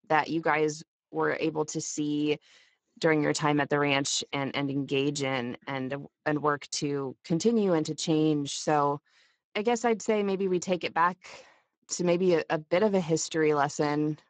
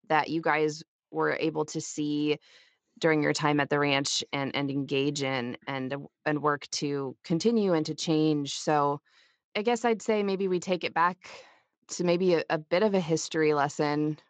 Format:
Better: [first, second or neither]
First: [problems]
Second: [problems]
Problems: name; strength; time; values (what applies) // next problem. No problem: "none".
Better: second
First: garbled, watery; badly; nothing above 7.5 kHz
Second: garbled, watery; slightly; nothing above 7.5 kHz